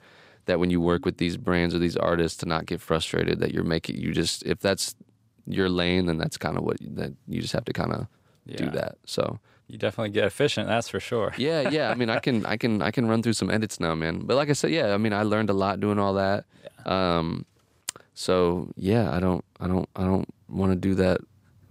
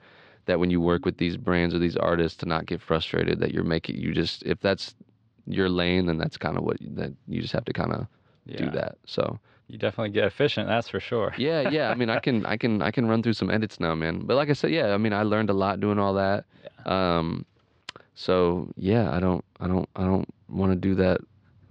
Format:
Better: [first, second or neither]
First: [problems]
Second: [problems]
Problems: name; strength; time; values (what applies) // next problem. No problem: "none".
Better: first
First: none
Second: muffled; very slightly; fading above 4.5 kHz